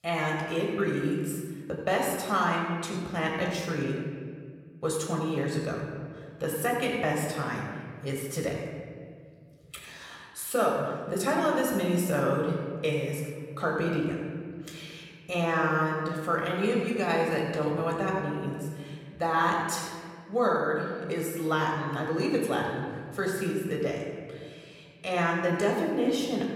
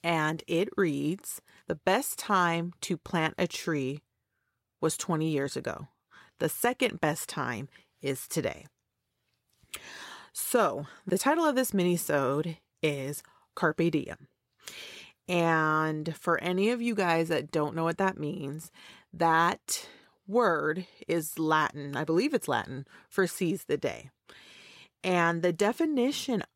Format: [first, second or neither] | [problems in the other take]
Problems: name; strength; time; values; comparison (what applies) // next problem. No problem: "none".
second | off-mic speech; somewhat distant // room echo; noticeable; dies away in 1.8 s